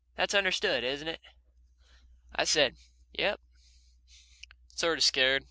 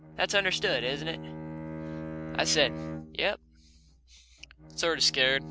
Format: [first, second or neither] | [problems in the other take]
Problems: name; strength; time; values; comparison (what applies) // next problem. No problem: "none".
first | background sound (Bowed string instrument); 10 dB below the speech